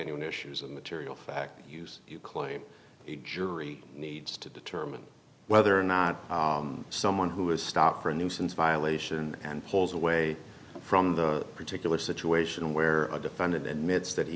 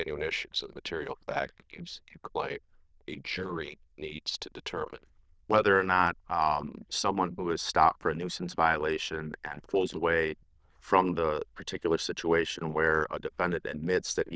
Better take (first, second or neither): first